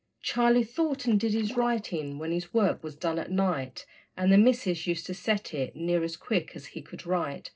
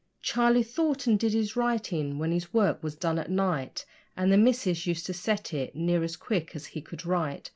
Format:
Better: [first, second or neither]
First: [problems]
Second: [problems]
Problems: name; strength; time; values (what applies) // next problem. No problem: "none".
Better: second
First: noise reduction (neural separator model SepFormer DNS4)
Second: none